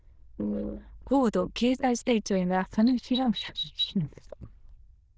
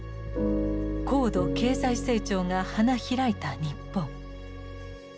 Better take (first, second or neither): second